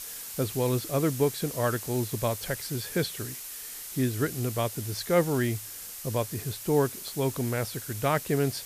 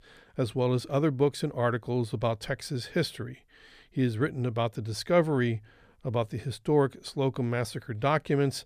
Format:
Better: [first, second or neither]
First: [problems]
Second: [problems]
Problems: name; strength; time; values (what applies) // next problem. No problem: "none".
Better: second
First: hiss; loud; throughout; 8 dB below the speech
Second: none